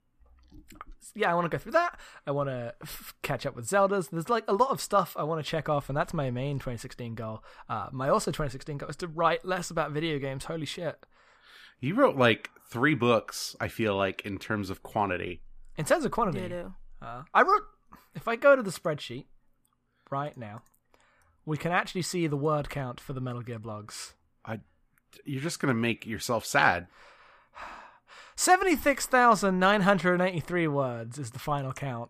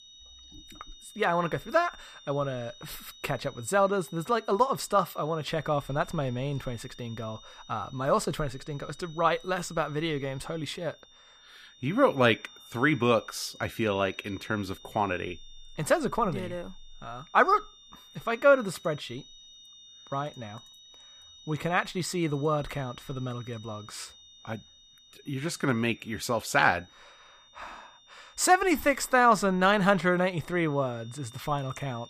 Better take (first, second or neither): first